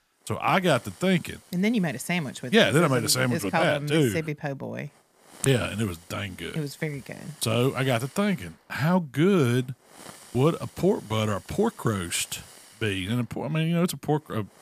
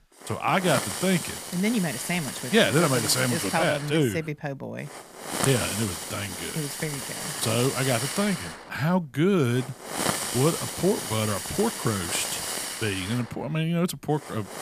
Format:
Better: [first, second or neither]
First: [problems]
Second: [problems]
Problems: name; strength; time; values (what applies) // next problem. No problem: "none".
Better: first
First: hiss; faint; throughout; 25 dB below the speech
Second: hiss; loud; throughout; 4 dB below the speech